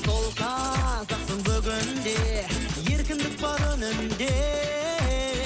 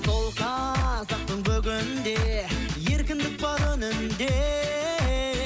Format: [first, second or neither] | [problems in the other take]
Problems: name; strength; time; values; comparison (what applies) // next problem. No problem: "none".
second | background sound (Writing); 13 dB below the speech